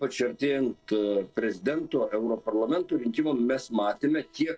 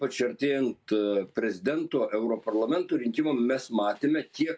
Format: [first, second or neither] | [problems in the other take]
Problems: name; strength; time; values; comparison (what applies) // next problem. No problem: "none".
second | noise reduction (neural separator model SepFormer DNS4)